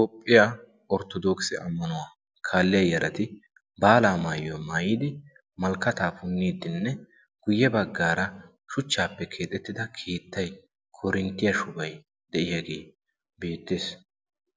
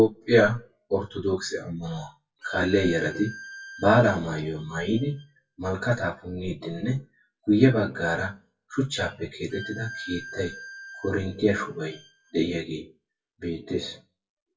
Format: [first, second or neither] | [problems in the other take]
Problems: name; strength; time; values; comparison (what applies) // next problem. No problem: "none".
first | noise reduction (classical method WPE with log-MMSE)